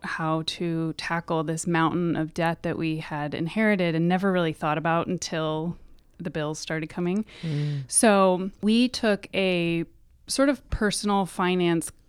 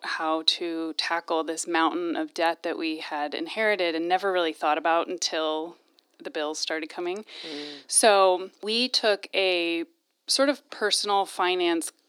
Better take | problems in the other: first | thin; somewhat; fading below 300 Hz

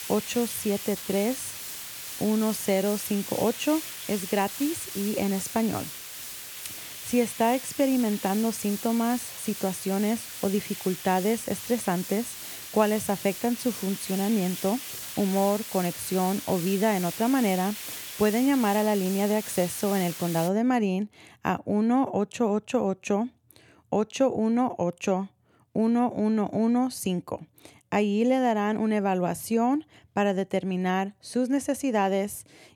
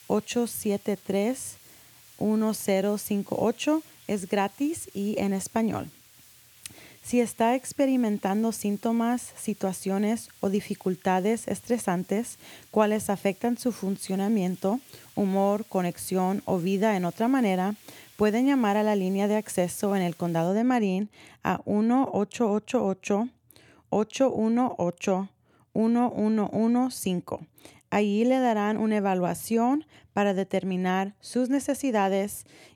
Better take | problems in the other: second | hiss; loud; until 20 s; 8 dB below the speech; faint in the second

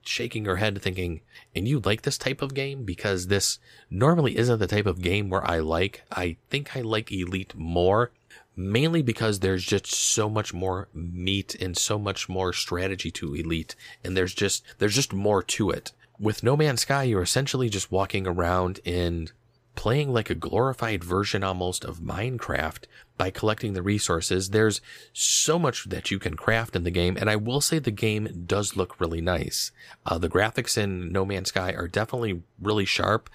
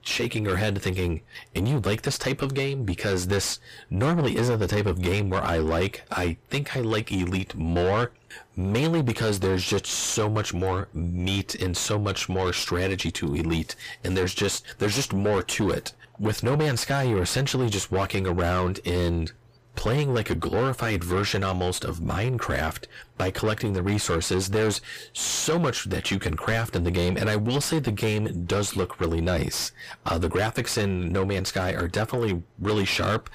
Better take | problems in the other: first | distortion; heavy; 6 dB below the speech

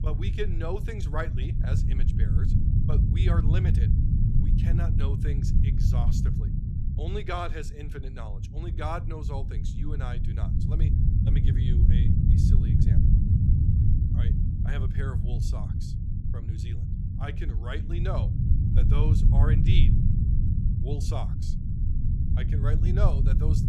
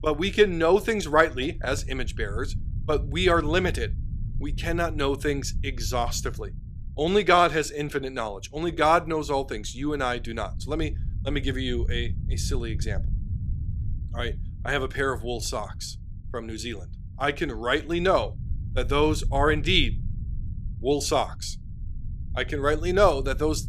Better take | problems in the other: second | low rumble; loud; throughout; 1 dB below the speech; faint in the second

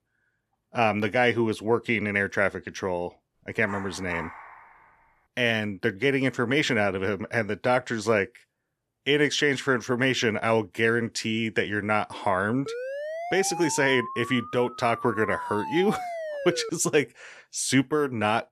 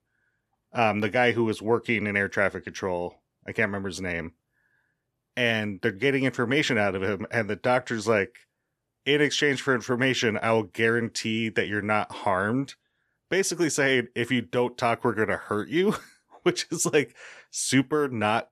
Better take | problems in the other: second | dog barking; faint; from 3.5 to 4.5 s; peak 10 dB below the speech // siren; noticeable; from 13 to 17 s; peak 8 dB below the speech

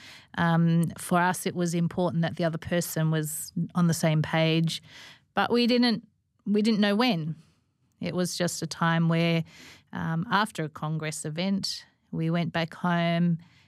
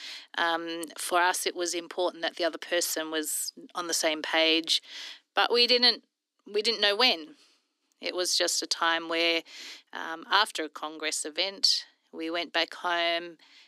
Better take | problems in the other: first | thin; very; fading below 300 Hz

